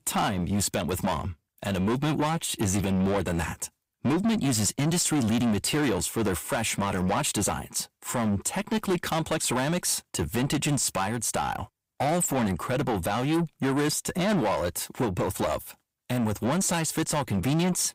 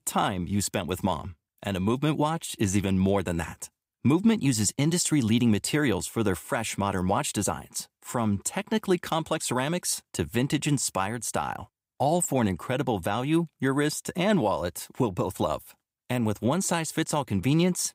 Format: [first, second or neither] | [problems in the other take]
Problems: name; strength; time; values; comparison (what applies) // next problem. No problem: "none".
second | distortion; heavy; 7 dB below the speech